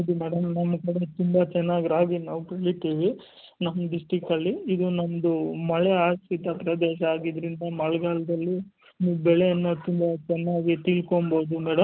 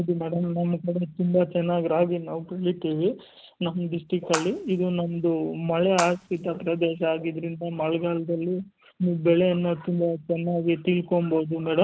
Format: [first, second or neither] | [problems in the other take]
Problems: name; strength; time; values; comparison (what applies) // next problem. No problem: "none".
first | background sound (Water / Splash, splatter); 12 dB below the speech